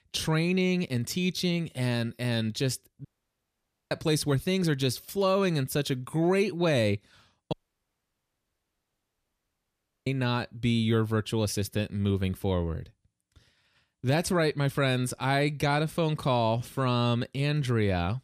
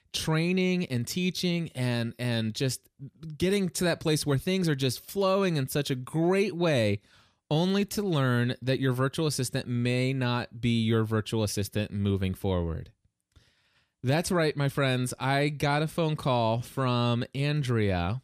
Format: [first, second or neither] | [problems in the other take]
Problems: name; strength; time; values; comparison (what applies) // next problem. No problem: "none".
second | audio cutting out; at 3 s for 1 s and at 7.5 s for 2.5 s